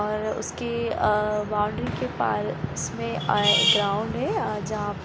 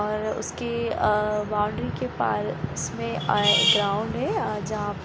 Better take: second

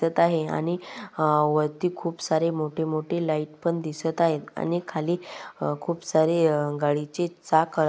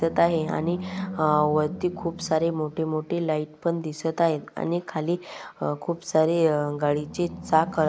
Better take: first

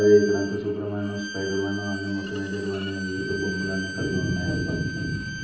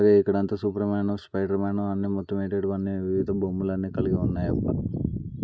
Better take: second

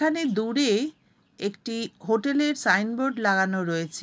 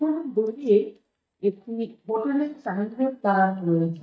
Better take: first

